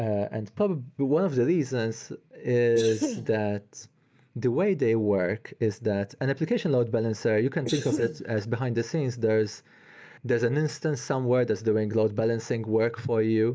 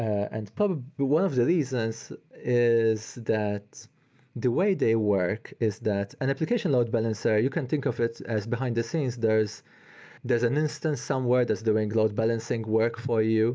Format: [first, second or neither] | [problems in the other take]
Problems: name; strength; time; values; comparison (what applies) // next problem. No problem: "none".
second | noise reduction (neural mask model Resemble Enhance denoiser)